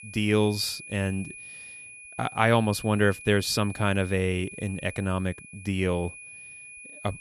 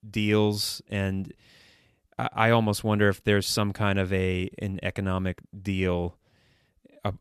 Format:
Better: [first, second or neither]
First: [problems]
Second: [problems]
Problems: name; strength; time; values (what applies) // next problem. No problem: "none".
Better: second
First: high-pitched whine; noticeable; throughout; 2.5 kHz, 15 dB below the speech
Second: none